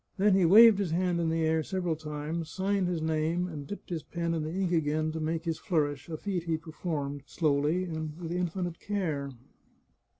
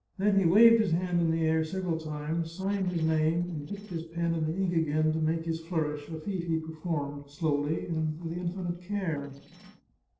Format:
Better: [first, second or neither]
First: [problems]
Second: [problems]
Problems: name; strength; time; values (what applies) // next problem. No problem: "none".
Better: first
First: none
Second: noise reduction (neural separator model SepFormer DNS4)